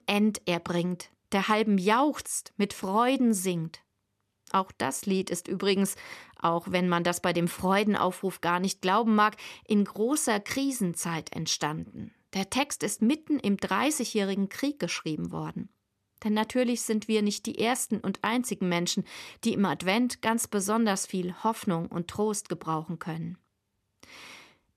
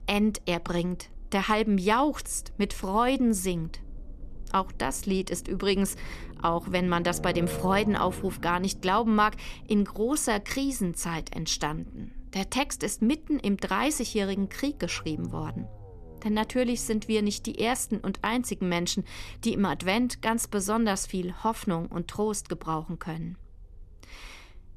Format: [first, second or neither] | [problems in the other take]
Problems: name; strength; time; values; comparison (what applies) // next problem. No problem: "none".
first | low rumble; faint; throughout; 20 dB below the speech